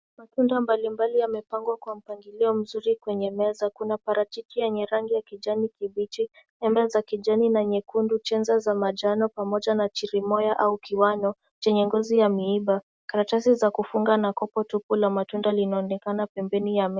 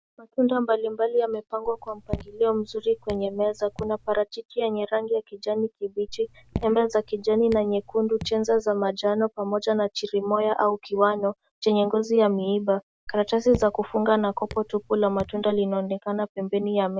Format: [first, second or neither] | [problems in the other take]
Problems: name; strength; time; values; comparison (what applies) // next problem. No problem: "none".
first | background sound (Raindrop / Drip); 15 dB below the speech